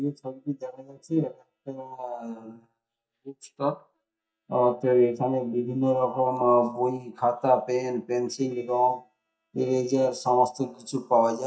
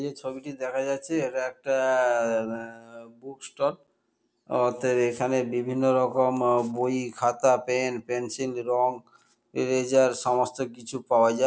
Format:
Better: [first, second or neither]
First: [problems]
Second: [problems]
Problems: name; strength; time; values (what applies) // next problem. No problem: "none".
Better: second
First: noise reduction (neural mask model DeepFilterNet 3)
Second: none